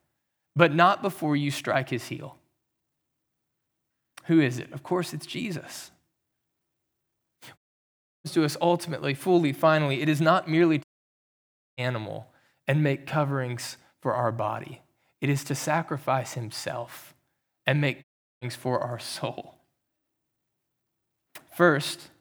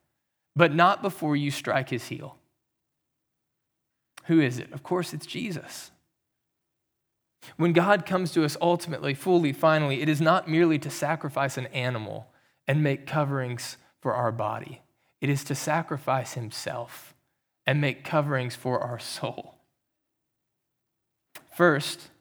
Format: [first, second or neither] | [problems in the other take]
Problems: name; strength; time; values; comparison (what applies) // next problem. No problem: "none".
second | audio cutting out; at 7.5 s for 0.5 s, at 11 s for 1 s and at 18 s